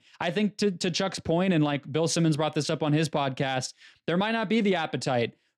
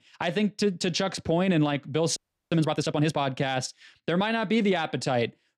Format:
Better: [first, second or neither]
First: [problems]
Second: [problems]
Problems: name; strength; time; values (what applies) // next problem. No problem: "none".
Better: first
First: none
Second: audio freezing; at 2 s